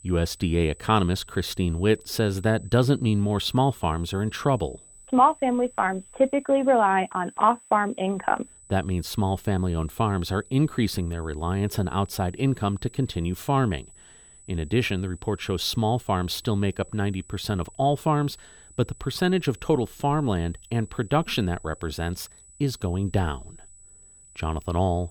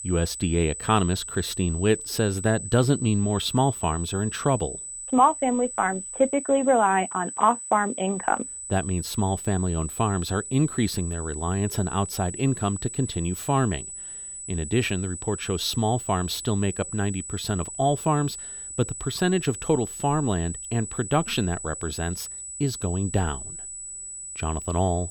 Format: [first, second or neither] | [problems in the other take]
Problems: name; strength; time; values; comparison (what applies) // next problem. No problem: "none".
first | high-pitched whine; loud; throughout; 8 kHz, 8 dB below the speech; faint in the first